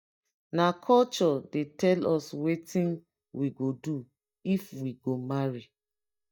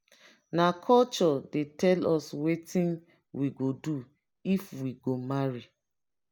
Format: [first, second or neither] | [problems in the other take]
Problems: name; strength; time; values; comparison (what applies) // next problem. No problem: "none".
second | noise reduction (neural mask model DeepFilterNet 3)